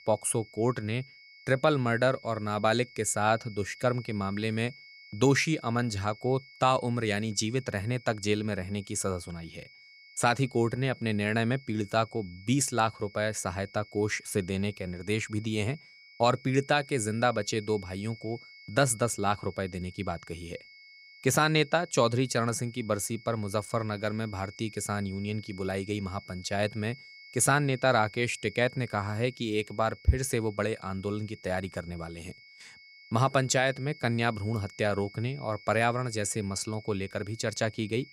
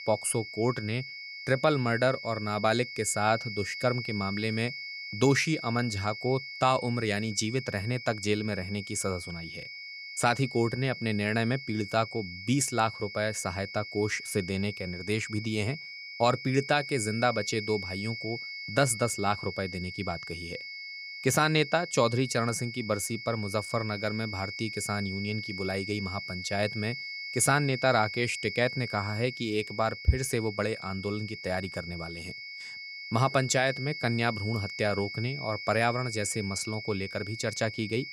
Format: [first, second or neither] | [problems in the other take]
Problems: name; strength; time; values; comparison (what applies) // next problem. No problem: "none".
first | high-pitched whine; loud; throughout; 2 kHz, 8 dB below the speech; faint in the first